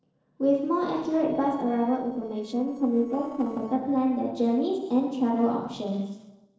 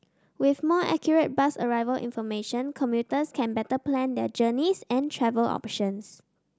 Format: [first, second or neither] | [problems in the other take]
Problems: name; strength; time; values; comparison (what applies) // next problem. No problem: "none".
second | noise reduction (neural separator model SepFormer DNS4)